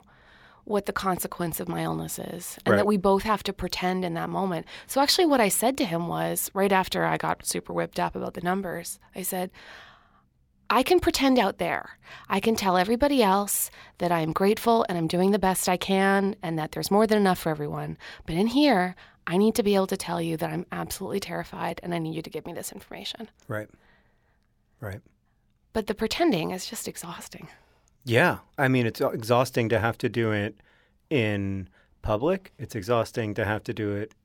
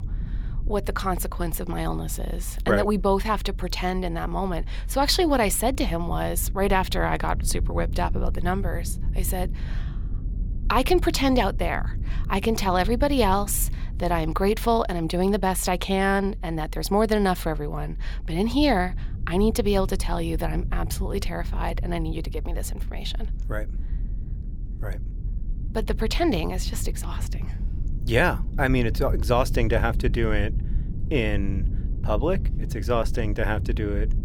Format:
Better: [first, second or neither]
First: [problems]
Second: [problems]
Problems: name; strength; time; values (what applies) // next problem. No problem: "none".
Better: first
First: none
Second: low rumble; faint; throughout; 20 dB below the speech